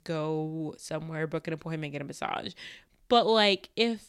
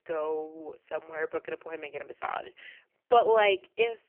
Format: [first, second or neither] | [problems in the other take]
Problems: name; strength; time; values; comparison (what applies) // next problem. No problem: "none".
first | phone-call audio; poor line; nothing above 3 kHz